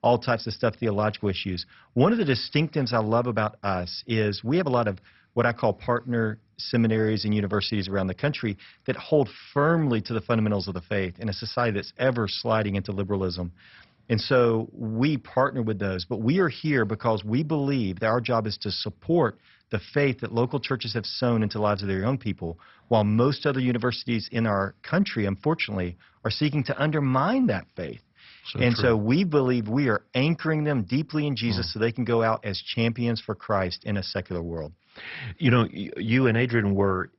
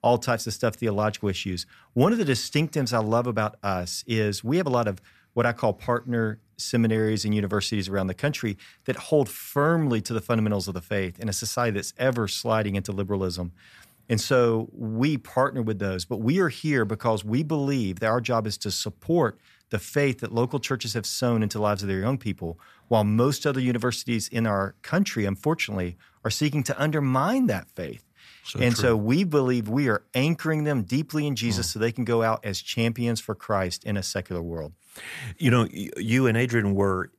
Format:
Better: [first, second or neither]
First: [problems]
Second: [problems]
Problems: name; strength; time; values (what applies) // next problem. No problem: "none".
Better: second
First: garbled, watery; badly; nothing above 5.5 kHz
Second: none